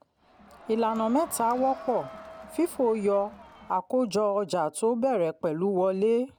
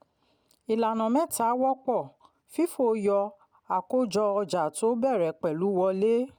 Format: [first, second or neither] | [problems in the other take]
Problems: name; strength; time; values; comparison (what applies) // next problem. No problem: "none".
second | background sound (Crowd); 18 dB below the speech